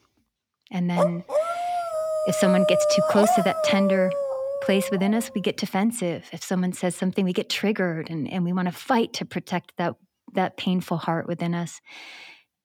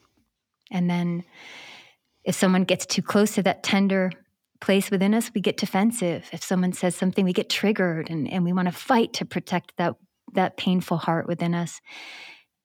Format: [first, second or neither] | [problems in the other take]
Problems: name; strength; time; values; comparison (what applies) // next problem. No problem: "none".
second | dog barking; loud; from 1 to 5 s; peak 4 dB above the speech